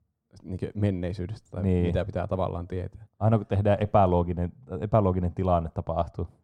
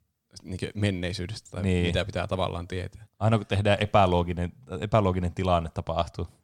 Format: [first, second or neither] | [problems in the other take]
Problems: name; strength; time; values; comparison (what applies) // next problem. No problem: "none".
second | muffled; very; fading above 1.5 kHz